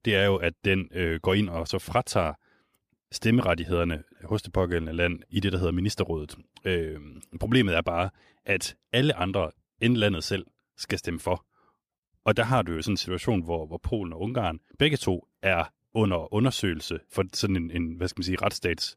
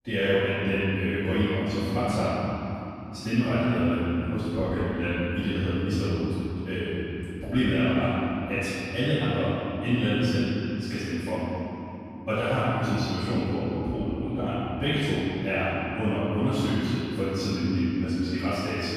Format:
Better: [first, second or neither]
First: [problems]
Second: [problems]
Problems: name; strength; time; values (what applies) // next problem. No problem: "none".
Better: first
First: none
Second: off-mic speech; far // room echo; strong; dies away in 3 s